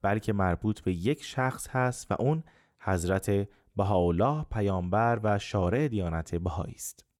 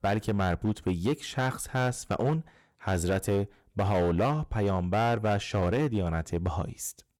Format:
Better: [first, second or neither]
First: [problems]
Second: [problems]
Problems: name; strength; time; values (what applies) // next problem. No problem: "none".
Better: first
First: none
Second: distortion; slight; 9% of the sound clipped